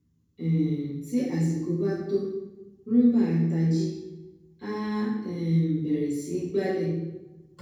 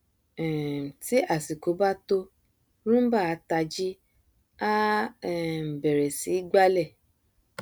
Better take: second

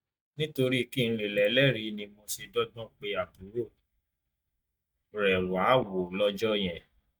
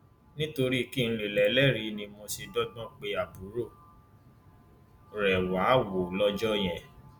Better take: second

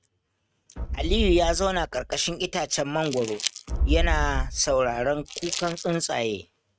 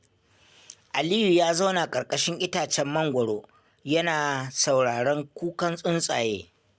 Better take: second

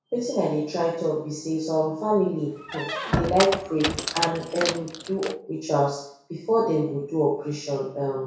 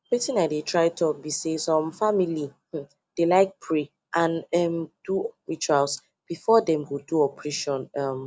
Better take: second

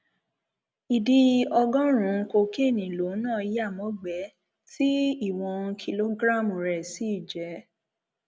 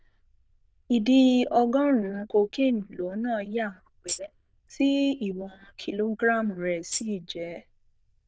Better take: first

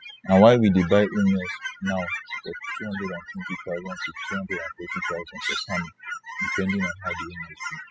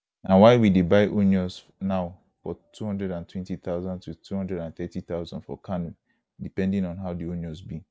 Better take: second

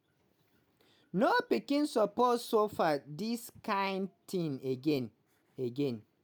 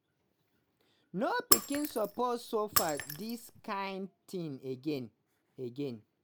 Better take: first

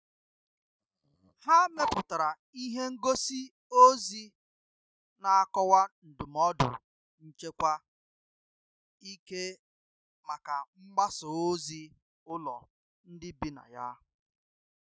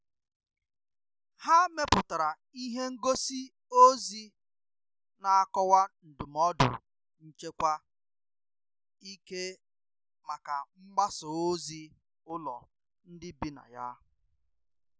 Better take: second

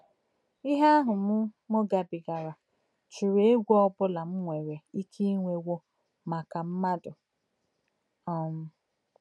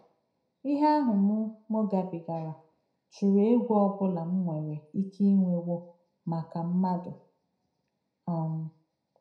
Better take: first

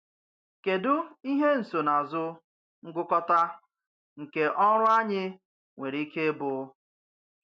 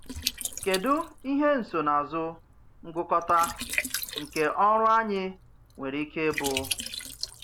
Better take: first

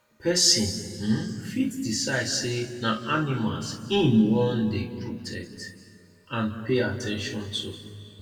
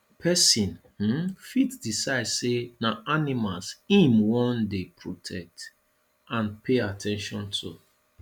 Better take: second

